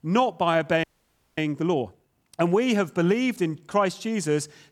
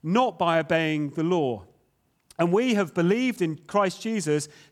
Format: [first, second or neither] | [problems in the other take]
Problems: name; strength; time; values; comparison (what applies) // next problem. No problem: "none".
second | audio freezing; at 1 s for 0.5 s